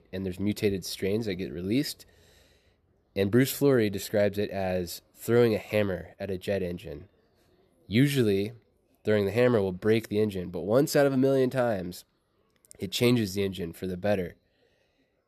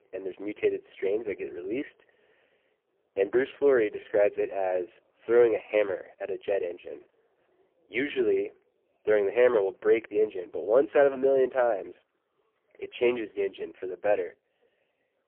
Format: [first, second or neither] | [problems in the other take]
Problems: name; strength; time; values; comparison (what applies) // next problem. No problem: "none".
first | phone-call audio; poor line